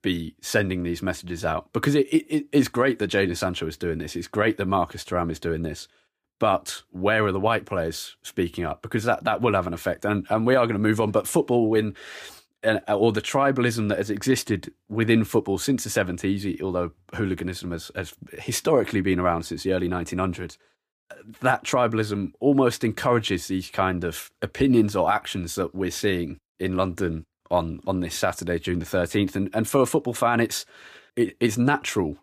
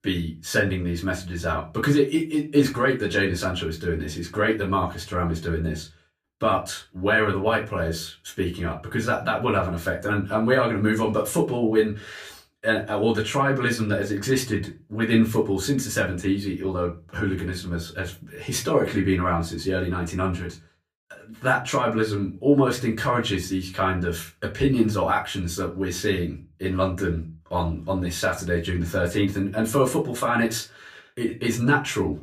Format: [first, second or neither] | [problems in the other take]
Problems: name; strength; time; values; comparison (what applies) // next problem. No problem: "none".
first | off-mic speech; far // room echo; very slight; dies away in 0.2 s